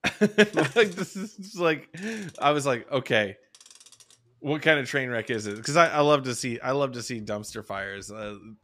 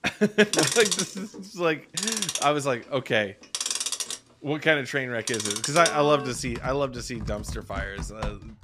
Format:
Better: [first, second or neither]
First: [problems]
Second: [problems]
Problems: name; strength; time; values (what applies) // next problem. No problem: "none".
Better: first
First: household noises; faint; throughout; 25 dB below the speech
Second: household noises; loud; throughout; 4 dB below the speech